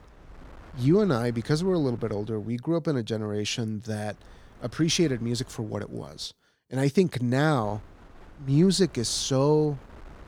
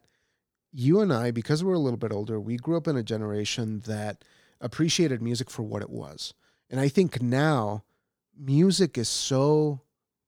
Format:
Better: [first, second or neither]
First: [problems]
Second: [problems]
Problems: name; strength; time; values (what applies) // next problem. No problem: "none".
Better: second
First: wind noise on the microphone; occasional gusts; until 2.5 s, from 4 to 6.5 s and from 7.5 s on; 25 dB below the speech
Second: none